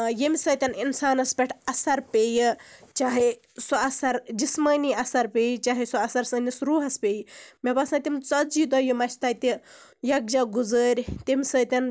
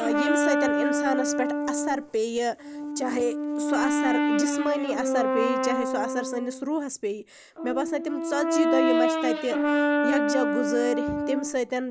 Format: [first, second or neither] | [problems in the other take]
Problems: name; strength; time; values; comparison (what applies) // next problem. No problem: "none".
first | background sound (Brass instrument); 3 dB above the speech